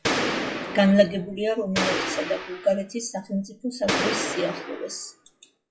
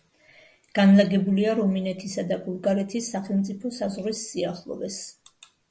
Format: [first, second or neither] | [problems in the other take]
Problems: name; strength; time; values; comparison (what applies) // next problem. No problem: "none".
second | noise reduction (classical method WPE with log-MMSE)